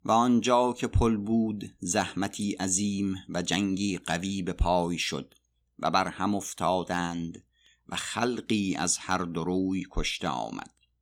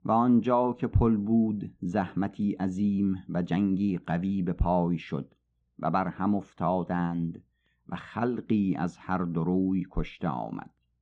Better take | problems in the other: first | muffled; very; fading above 1.5 kHz

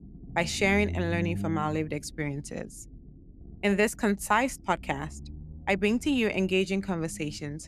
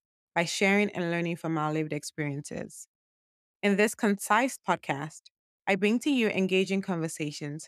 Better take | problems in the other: second | low rumble; faint; throughout; 20 dB below the speech

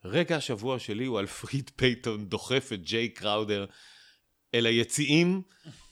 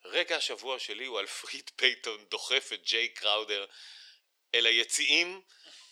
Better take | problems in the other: first | thin; very; fading below 450 Hz

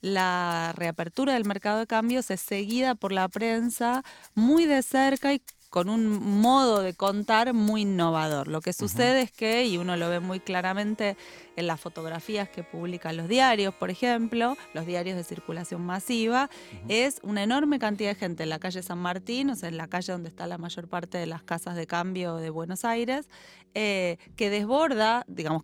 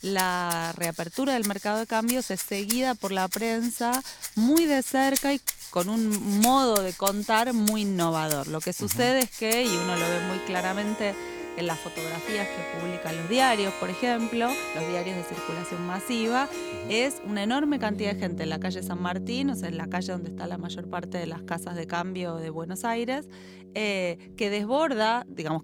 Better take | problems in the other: first | background music; loud; throughout; 6 dB below the speech; faint in the first

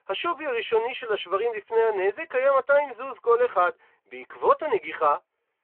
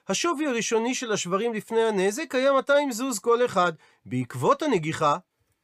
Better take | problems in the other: second | phone-call audio

